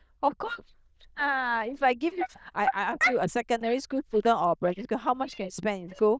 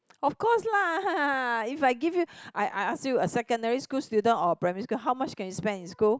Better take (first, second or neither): second